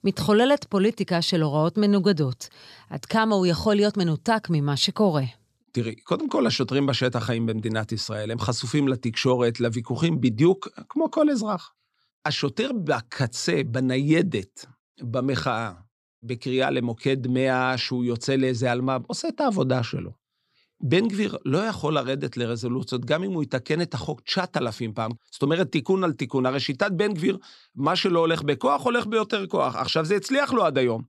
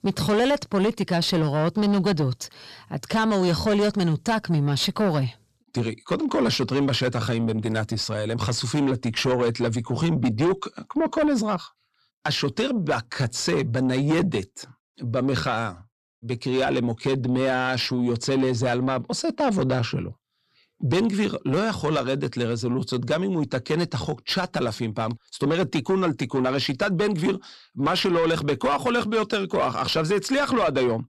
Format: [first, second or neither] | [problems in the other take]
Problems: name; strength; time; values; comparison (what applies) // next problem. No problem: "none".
first | distortion; slight; 10 dB below the speech